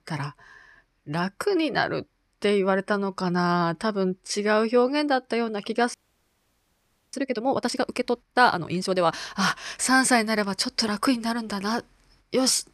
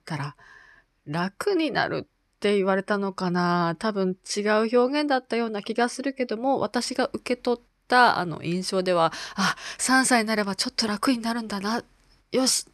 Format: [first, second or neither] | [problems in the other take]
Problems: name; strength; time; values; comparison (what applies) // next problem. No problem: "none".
second | audio freezing; at 6 s for 1 s